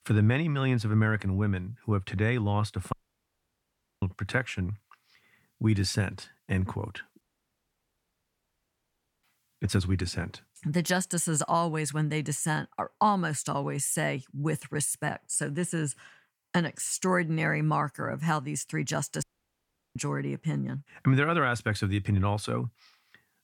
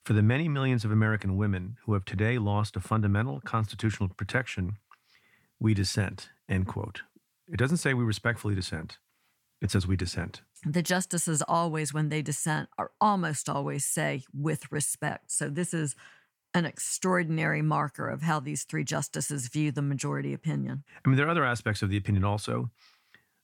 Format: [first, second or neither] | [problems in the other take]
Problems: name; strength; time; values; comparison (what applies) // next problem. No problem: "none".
second | audio cutting out; at 3 s for 1 s, at 7 s for 2 s and at 19 s for 0.5 s